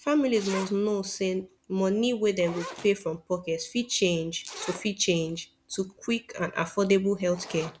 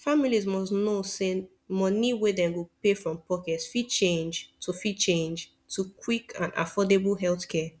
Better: second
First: background sound (Zipper (clothing)); 18 dB below the speech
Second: none

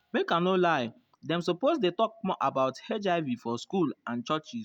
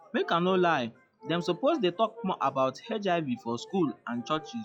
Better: first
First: none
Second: noise reduction (classical method log-MMSE)

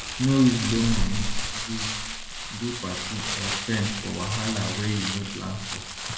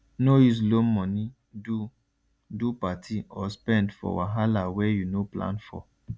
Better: second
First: background sound (Crumpling, crinkling); 2 dB below the speech // room echo; dies away in 1 s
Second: none

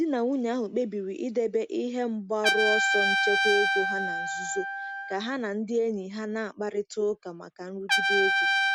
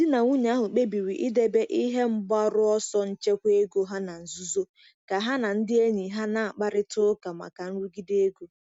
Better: second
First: background sound (Trumpet); as loud as the speech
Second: none

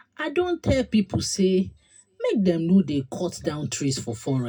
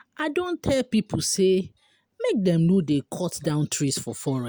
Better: second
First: room echo; dies away in 0.2 s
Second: none

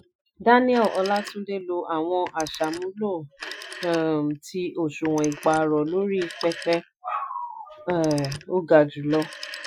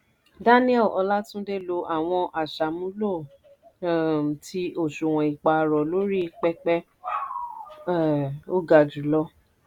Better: second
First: noise reduction (classical method Wiener filter)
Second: none

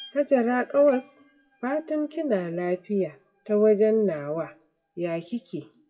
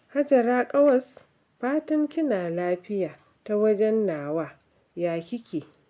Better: second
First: noise reduction (classical method WPE with log-MMSE)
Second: none

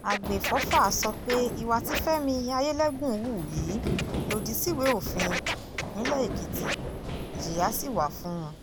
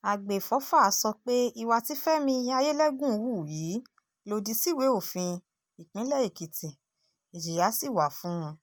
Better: second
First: background sound (Run + Scratching (performance technique)); 3 dB below the speech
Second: none

